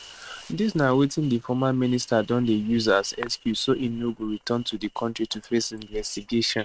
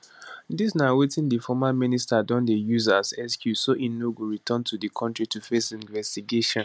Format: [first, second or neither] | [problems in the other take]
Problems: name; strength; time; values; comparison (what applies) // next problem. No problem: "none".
second | noise reduction (neural mask model RNNoise)